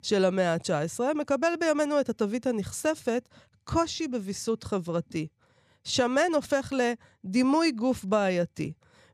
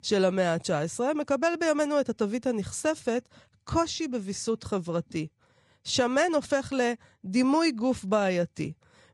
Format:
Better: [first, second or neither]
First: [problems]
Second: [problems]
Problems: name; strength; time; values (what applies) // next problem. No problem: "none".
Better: first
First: none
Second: garbled, watery; slightly; nothing above 10.5 kHz